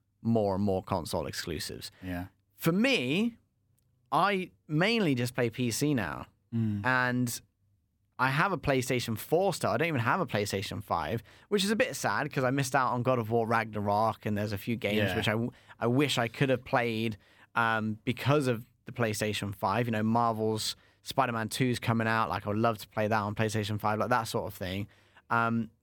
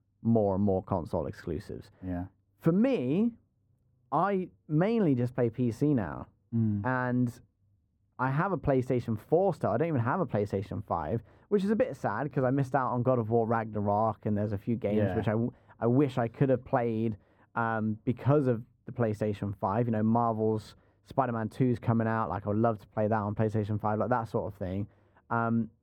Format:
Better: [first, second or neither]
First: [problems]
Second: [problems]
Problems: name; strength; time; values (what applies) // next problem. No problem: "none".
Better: first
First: none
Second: muffled; very; fading above 1.5 kHz